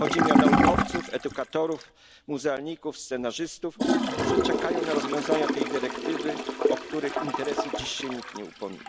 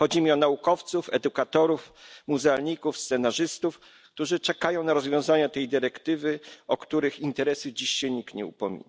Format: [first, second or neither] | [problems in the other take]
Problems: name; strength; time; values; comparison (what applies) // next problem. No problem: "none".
second | background sound (Toilet flush / Gurgling); 4 dB above the speech